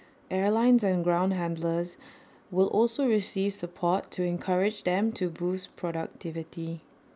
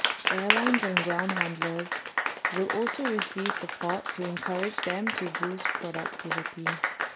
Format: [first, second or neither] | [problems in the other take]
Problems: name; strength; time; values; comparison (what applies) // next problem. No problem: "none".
first | background sound (Applause); 2 dB above the speech